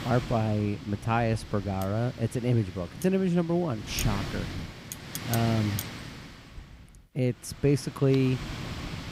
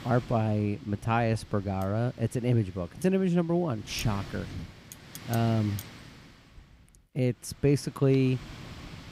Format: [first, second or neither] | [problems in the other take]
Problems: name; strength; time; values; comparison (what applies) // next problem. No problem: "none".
second | wind noise on the microphone; heavy; 9 dB below the speech; occasional gusts in the second